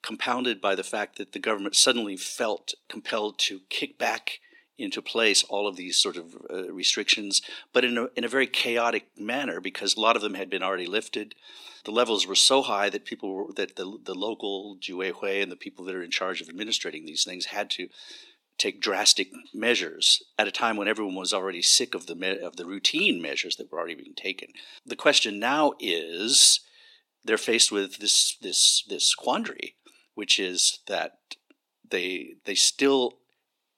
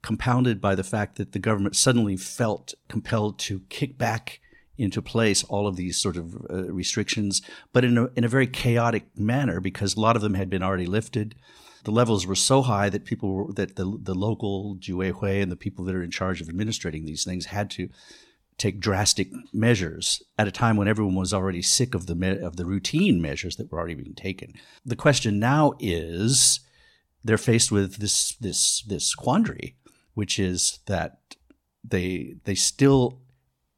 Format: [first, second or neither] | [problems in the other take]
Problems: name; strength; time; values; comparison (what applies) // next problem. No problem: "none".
second | thin; somewhat; fading below 300 Hz